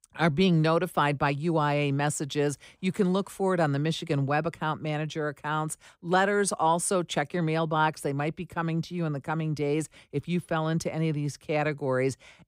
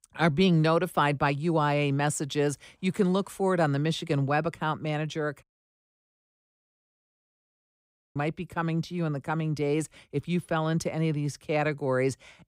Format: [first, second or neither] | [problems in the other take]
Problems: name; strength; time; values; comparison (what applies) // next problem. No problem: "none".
first | audio cutting out; at 5.5 s for 2.5 s